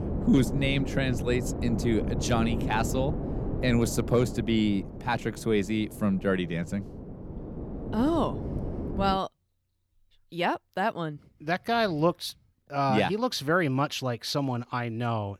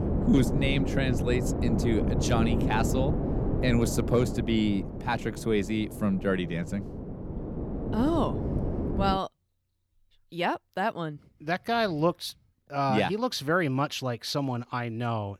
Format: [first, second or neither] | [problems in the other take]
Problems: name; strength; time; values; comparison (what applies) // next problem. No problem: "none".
first | wind noise on the microphone; heavy; until 9 s; 7 dB below the speech; occasional gusts in the first